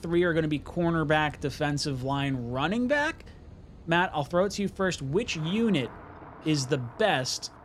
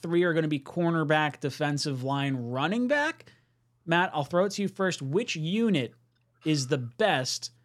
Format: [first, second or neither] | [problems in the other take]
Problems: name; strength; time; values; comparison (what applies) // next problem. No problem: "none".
second | traffic noise; noticeable; throughout; 20 dB below the speech